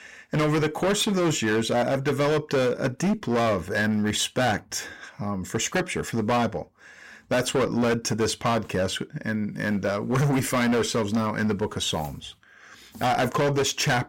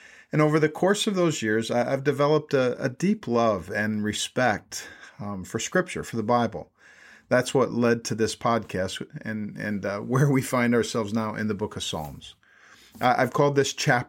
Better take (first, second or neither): second